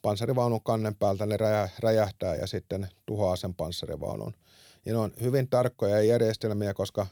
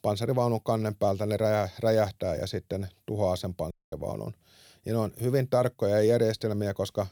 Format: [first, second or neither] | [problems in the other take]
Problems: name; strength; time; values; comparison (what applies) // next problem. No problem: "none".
first | audio cutting out; at 3.5 s